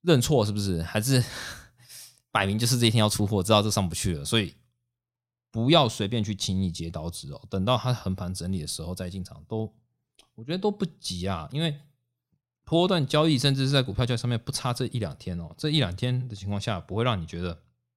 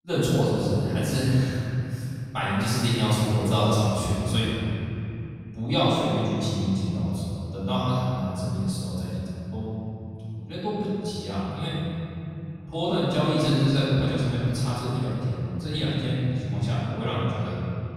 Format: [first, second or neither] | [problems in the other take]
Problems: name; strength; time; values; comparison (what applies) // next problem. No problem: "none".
first | off-mic speech; far // room echo; strong; dies away in 3 s